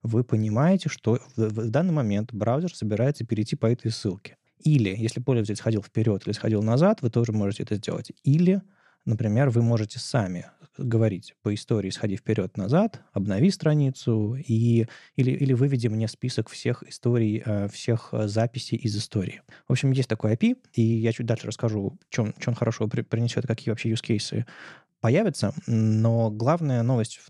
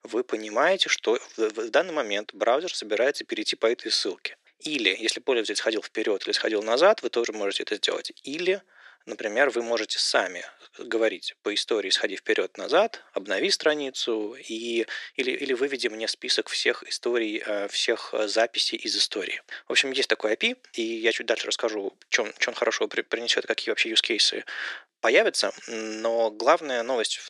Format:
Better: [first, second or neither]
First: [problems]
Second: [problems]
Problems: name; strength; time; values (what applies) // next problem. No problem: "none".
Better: first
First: none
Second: thin; very; fading below 350 Hz